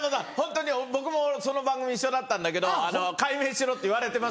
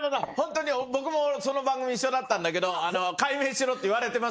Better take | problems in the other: first | noise reduction (neural mask model Resemble Enhance denoiser)

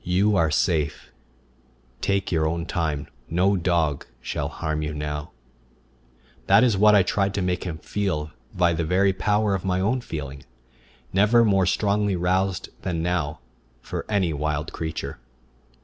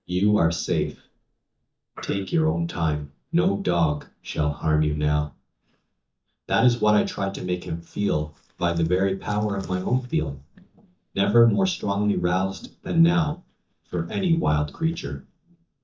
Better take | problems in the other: first | noise reduction (neural mask model DeepFilterNet 3)

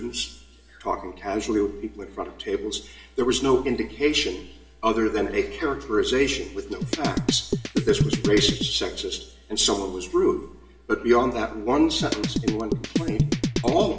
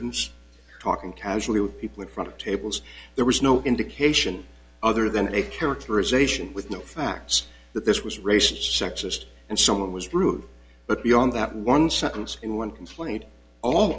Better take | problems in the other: second | background sound (Drum kit); as loud as the speech // room echo; dies away in 0.8 s

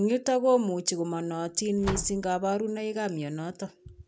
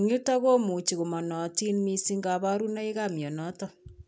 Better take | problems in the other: second | background sound (Slam); 12 dB below the speech

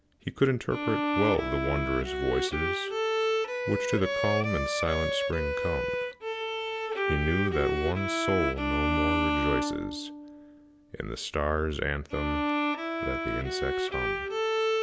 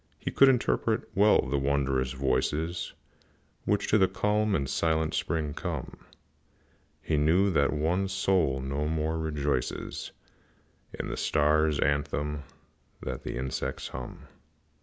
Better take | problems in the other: second | background sound (Bowed string instrument); 1 dB above the speech

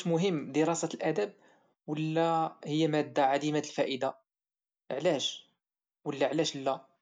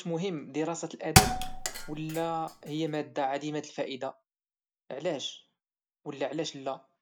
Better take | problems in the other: first | background sound (Thump, thud); 4 dB above the speech

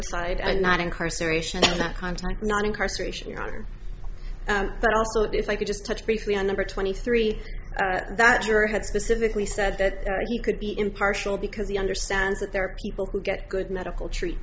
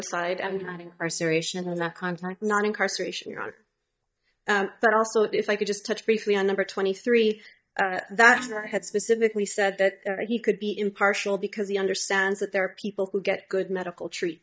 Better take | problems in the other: first | noise reduction (neural mask model DeepFilterNet 3)

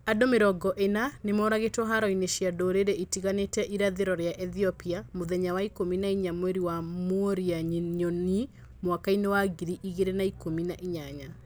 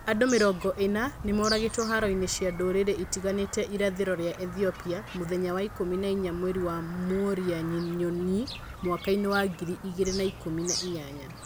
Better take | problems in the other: first | background sound (Bird vocalization, bird call, bird song); 12 dB below the speech

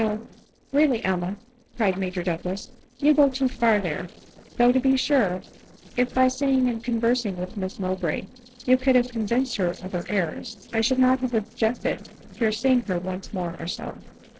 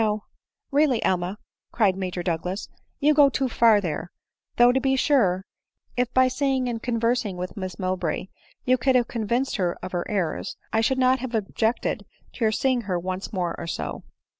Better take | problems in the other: second | noise reduction (neural separator model SepFormer DNS4)

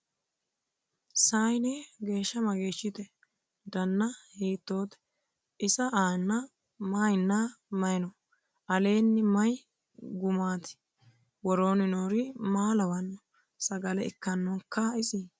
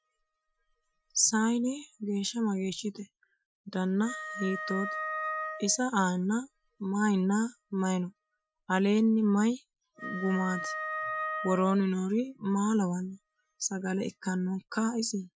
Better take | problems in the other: first | noise reduction (classical method Wiener filter)

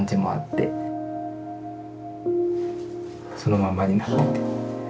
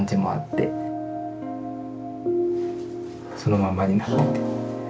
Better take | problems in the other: first | background sound (Electric guitar / Strum); 14 dB below the speech

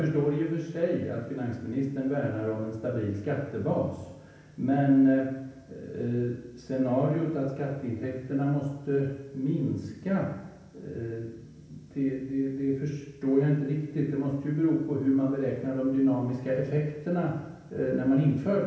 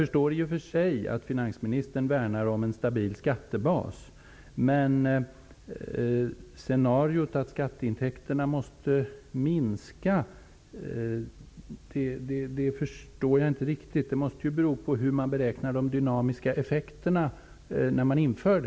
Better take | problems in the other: second | room echo; dies away in 0.9 s

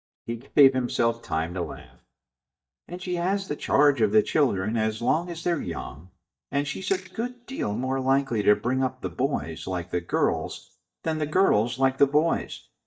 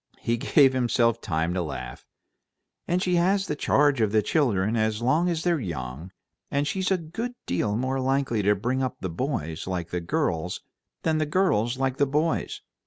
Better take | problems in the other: second | noise reduction (neural mask model DeepFilterNet 3)

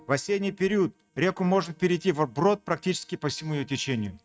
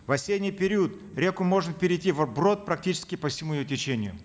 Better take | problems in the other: second | noise reduction (neural mask model RNNoise)

